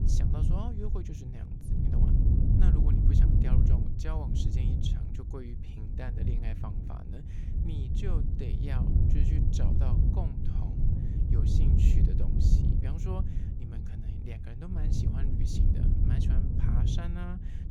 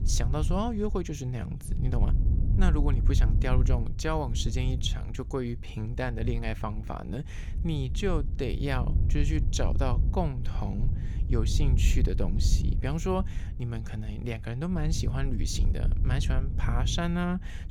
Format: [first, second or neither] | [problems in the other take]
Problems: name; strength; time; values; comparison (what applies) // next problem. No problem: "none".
second | wind noise on the microphone; heavy; 4 dB above the speech; occasional gusts in the second